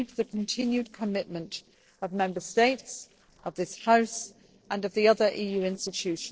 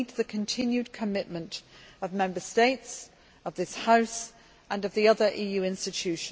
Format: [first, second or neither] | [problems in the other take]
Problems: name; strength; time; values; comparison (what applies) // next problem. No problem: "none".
second | noise reduction (neural separator model SepFormer DNS4)